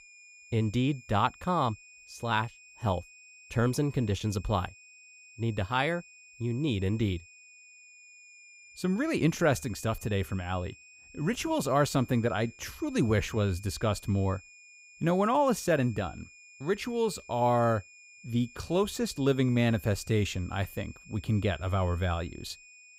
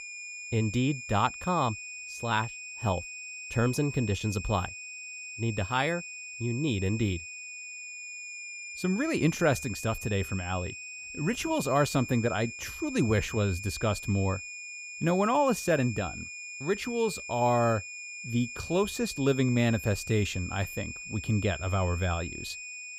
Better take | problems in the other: first | high-pitched whine; loud; throughout; 2.5 kHz, 9 dB below the speech; faint in the first

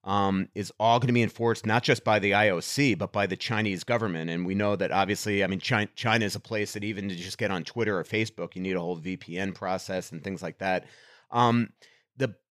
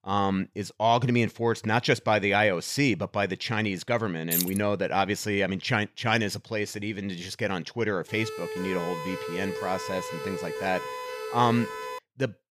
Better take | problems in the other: first | jangling keys; loud; at 4.5 s; peak level with the speech // siren; noticeable; from 8 to 12 s; peak 7 dB below the speech

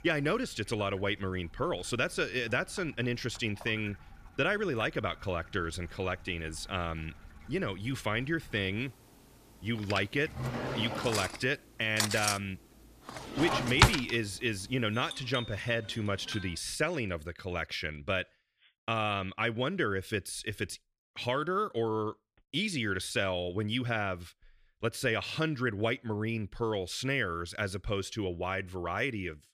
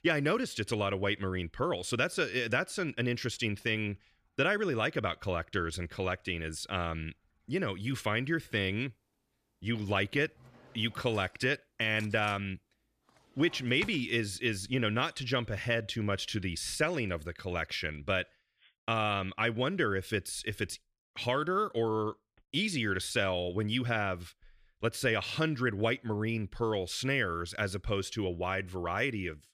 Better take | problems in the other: second | household noises; loud; until 17 s; as loud as the speech; faint in the second

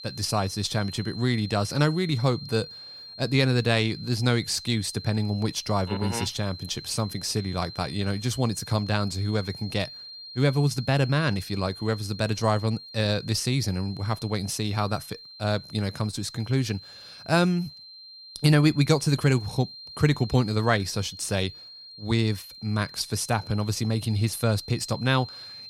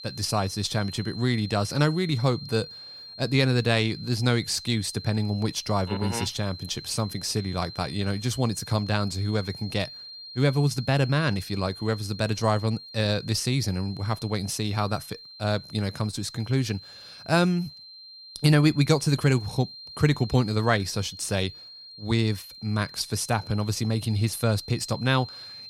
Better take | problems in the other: neither | high-pitched whine; noticeable; throughout; 4 kHz, 15 dB below the speech; the same in both

